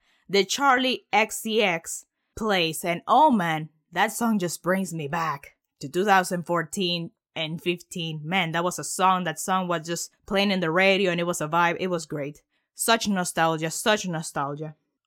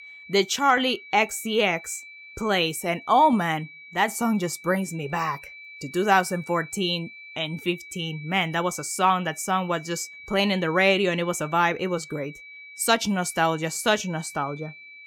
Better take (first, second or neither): first